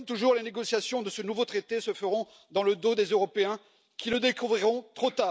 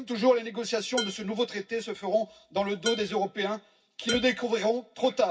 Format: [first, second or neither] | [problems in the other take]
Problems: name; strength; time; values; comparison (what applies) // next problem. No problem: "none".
first | background sound (Dishes, pots, and pans); 11 dB below the speech // room echo; dies away in 0.4 s